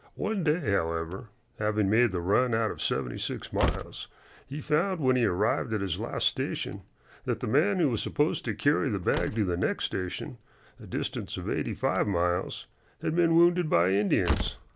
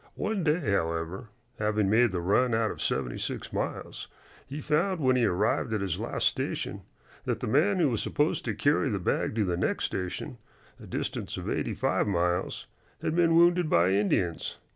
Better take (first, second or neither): second